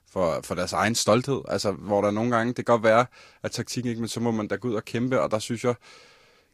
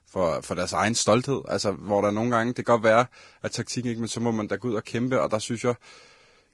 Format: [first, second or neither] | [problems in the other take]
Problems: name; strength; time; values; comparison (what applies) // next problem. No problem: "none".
first | garbled, watery; badly; nothing above 10.5 kHz; slightly in the first